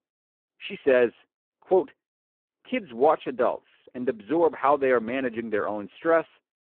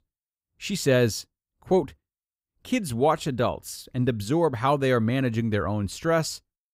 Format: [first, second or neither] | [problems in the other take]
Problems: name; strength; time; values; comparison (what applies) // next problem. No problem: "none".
second | phone-call audio; poor line